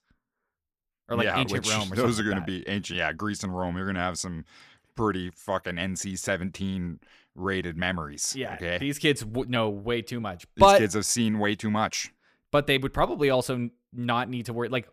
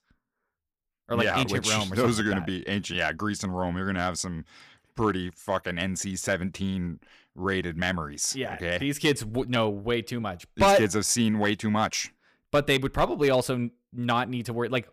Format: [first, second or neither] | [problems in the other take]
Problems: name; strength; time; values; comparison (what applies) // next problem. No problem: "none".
first | distortion; slight; 1.3% of the sound clipped